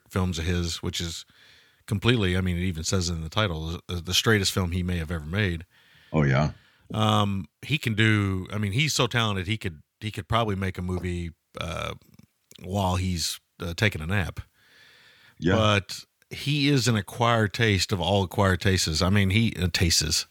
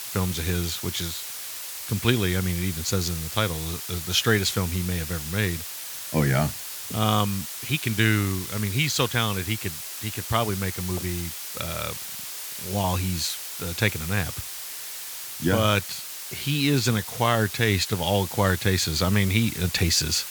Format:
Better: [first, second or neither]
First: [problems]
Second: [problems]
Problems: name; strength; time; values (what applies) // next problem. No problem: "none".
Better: first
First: none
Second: hiss; loud; throughout; 7 dB below the speech